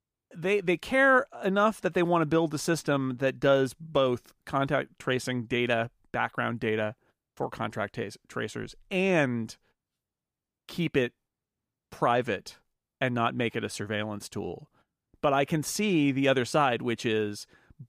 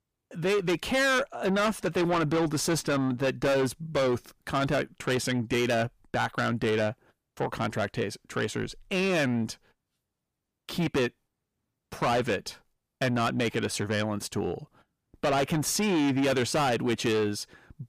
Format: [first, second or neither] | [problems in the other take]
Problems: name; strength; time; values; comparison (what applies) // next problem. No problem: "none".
first | distortion; heavy; 6 dB below the speech